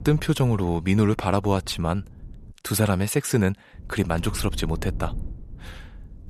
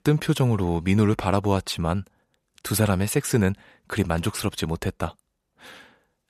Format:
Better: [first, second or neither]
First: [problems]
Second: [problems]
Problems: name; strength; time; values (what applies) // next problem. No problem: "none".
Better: second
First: low rumble; faint; until 2.5 s and from 3.5 s on; 25 dB below the speech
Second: none